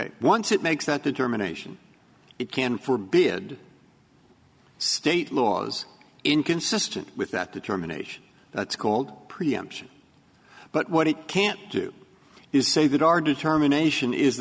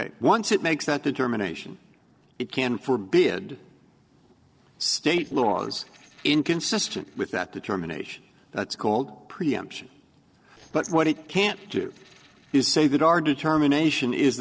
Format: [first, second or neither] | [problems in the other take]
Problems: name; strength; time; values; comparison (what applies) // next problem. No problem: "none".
first | noise reduction (neural separator model SepFormer DNS4)